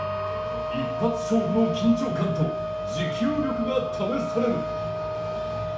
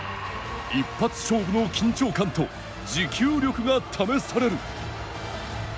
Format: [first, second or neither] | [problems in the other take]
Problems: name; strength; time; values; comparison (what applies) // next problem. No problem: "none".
second | background sound (Wind instrument, woodwind instrument); 3 dB below the speech // room echo; dies away in 0.6 s